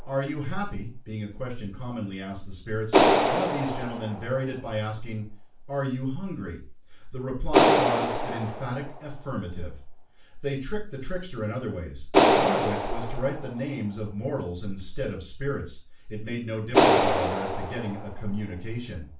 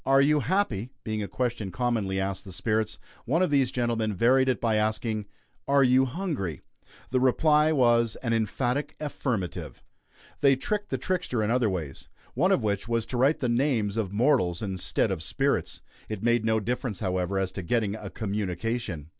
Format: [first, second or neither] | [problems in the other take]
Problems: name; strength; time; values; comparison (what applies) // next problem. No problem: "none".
second | background sound (Clapping); 2 dB above the speech // room echo; dies away in 0.3 s